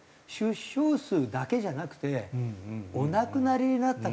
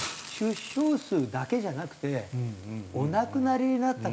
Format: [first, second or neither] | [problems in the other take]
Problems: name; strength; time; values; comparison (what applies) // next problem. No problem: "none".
first | background sound (Hiss); 17 dB below the speech